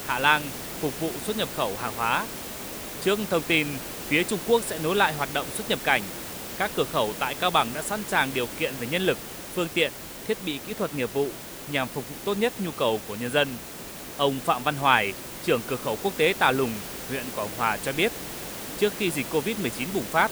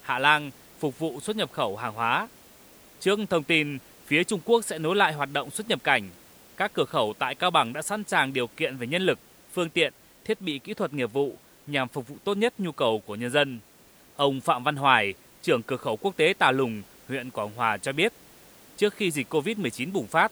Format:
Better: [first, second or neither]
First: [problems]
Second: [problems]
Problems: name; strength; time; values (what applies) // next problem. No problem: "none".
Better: second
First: hiss; loud; throughout; 9 dB below the speech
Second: hiss; faint; throughout; 25 dB below the speech